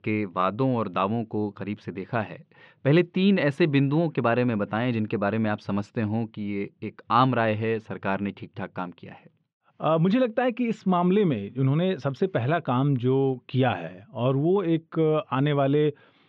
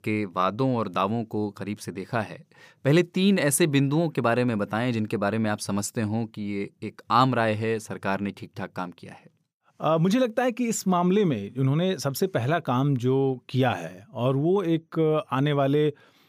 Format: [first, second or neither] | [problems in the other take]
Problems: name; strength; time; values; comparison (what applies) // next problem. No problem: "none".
second | muffled; slightly; fading above 3 kHz